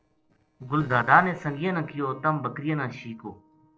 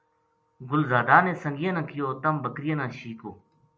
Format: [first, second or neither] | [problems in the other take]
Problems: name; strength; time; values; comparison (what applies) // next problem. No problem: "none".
second | noise reduction (neural separator model SepFormer DNS4)